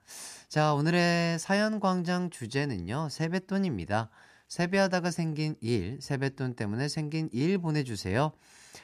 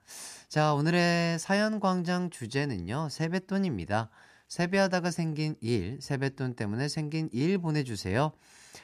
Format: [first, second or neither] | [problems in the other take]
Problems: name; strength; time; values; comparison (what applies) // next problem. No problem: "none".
neither | none